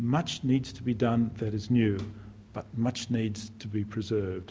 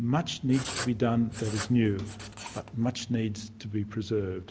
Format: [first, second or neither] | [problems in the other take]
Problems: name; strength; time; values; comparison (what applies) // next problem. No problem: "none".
first | background sound (Writing); 12 dB below the speech